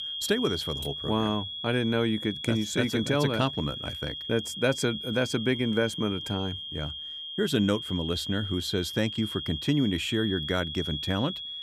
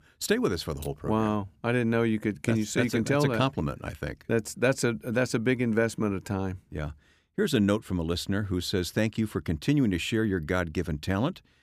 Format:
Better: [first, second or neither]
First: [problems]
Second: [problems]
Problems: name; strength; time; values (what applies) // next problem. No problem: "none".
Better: second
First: high-pitched whine; loud; throughout; 3 kHz, 6 dB below the speech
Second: none